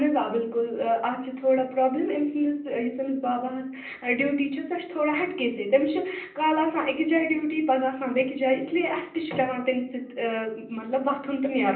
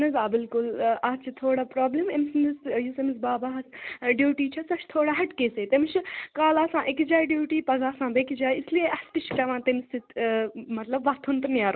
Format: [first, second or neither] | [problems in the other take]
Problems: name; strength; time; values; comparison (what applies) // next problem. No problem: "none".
second | room echo; dies away in 0.6 s